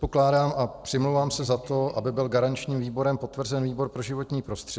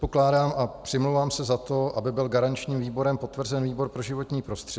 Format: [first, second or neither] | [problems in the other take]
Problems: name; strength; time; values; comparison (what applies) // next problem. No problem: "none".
second | noise reduction (neural separator model SepFormer DNS4)